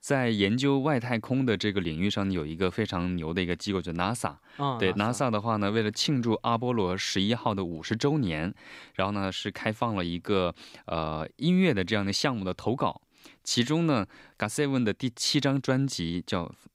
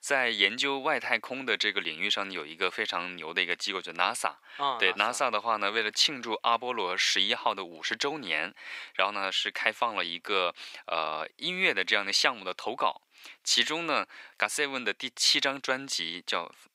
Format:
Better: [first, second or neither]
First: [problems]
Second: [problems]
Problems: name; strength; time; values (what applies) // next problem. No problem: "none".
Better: first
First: none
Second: thin; very; fading below 600 Hz